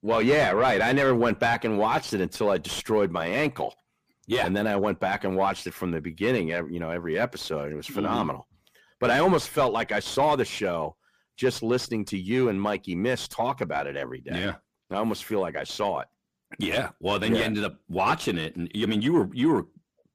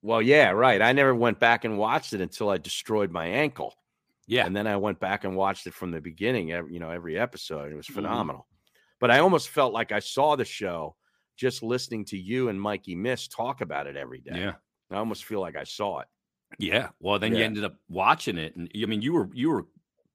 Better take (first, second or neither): second